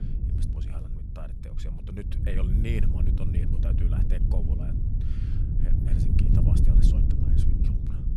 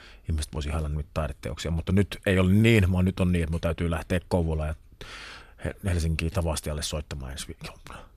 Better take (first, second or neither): second